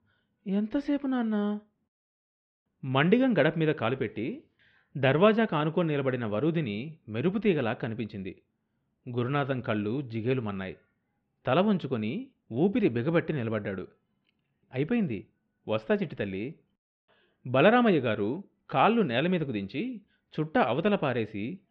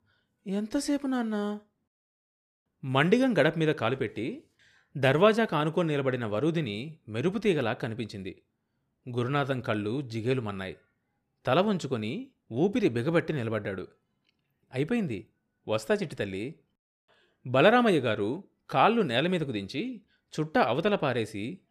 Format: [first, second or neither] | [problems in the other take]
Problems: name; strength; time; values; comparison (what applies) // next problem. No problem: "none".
second | muffled; slightly; fading above 3 kHz